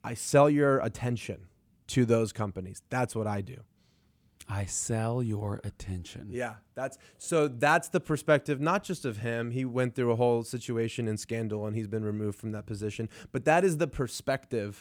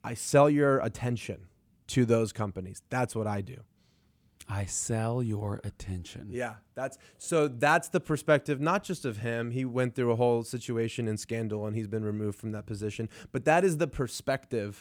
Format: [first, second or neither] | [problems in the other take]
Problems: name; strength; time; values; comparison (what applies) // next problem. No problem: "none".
neither | none